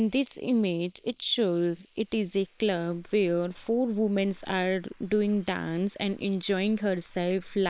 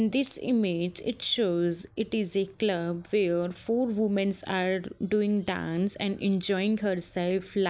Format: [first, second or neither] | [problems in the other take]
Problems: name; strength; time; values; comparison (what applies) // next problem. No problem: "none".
second | noise reduction (neural separator model SepFormer WHAM!)